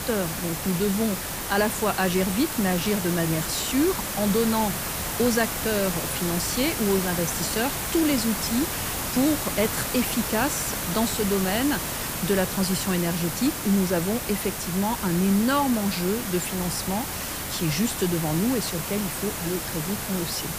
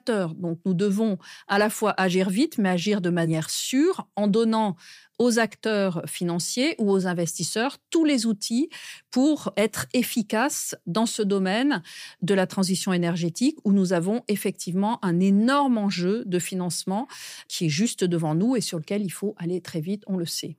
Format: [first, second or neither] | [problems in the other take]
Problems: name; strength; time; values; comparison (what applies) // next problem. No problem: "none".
second | hiss; loud; throughout; 3 dB below the speech